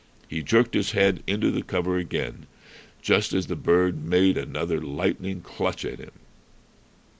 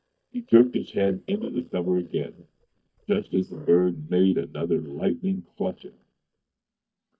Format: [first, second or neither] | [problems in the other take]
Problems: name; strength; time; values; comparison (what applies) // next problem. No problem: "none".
first | noise reduction (neural mask model DeepFilterNet 3)